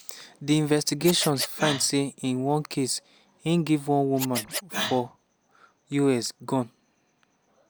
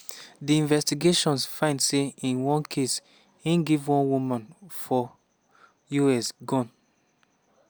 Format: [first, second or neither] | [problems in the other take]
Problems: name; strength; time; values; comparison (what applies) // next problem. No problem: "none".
second | background sound (Scratching (performance technique)); 10 dB below the speech